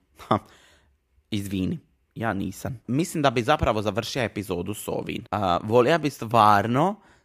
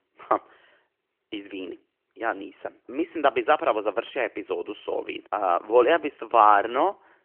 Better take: first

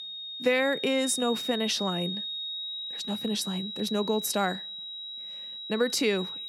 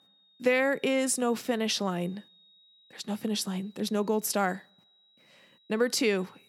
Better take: second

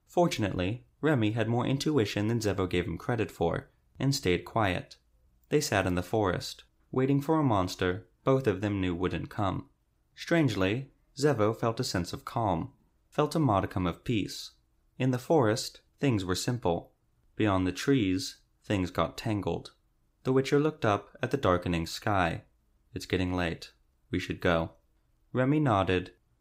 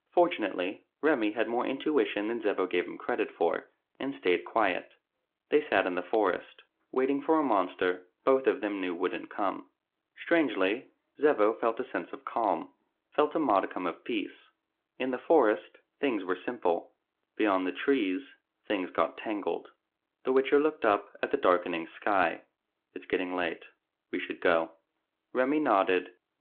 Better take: first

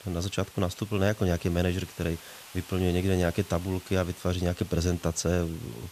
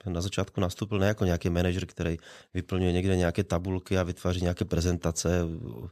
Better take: second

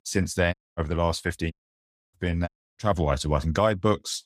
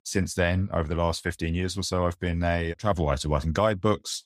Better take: second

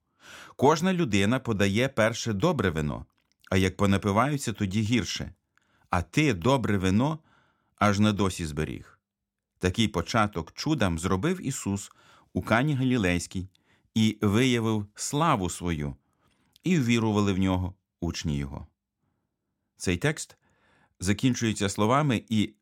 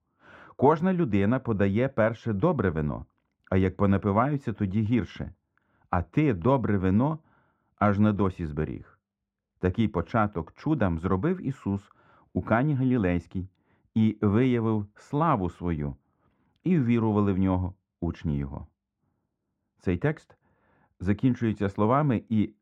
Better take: first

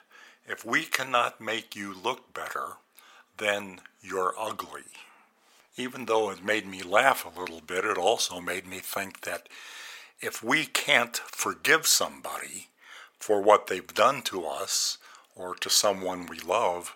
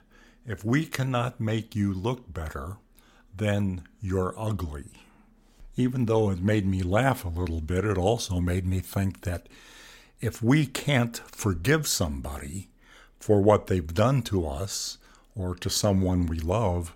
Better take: second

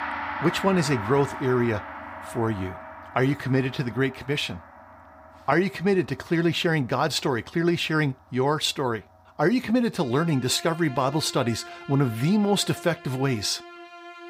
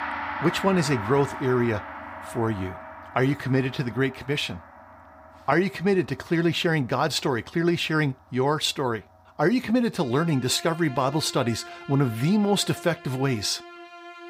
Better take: neither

